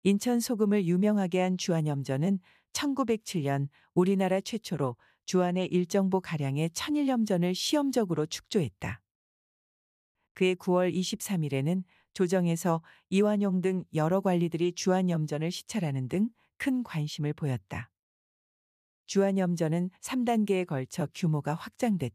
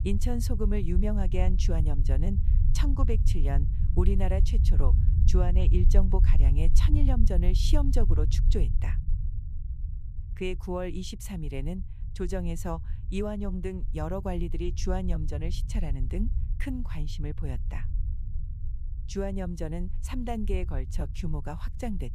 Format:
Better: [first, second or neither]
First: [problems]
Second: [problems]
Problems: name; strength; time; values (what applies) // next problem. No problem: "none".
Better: first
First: none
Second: low rumble; loud; throughout; 10 dB below the speech